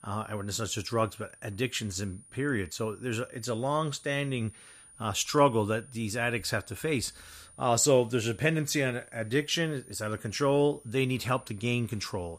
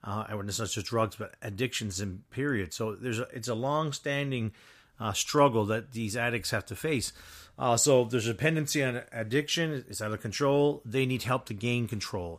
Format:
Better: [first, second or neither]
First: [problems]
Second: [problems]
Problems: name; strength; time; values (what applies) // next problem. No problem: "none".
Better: second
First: high-pitched whine; faint; throughout; 9.5 kHz, 25 dB below the speech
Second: none